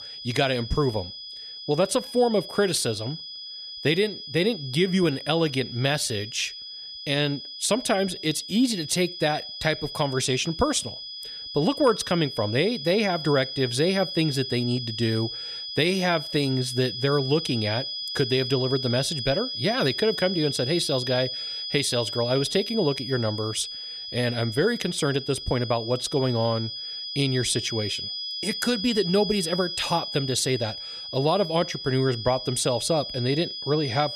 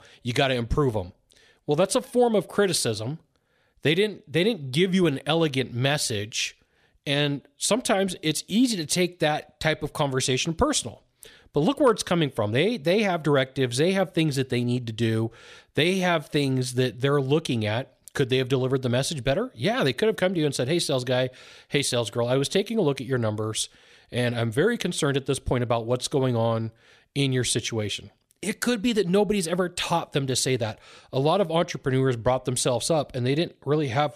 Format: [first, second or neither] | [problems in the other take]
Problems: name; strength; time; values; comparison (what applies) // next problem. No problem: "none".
second | high-pitched whine; loud; throughout; 5 kHz, 7 dB below the speech